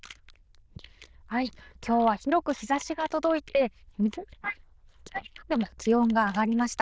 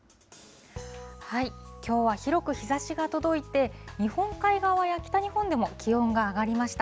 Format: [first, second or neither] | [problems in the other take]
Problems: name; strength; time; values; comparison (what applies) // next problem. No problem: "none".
second | noise reduction (neural diffusion model UNIVERSE++)